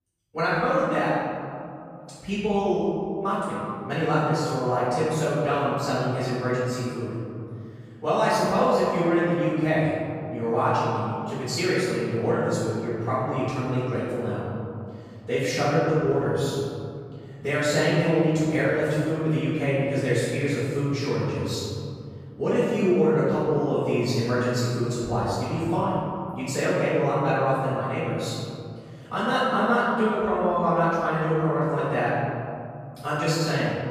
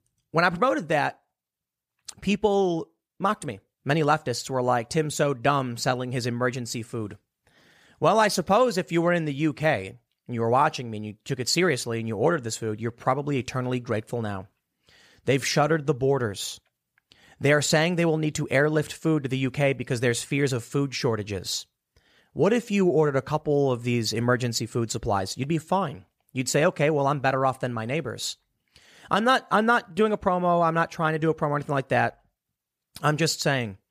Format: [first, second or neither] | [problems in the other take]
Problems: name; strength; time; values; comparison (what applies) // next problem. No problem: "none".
second | off-mic speech; far // room echo; strong; dies away in 2.7 s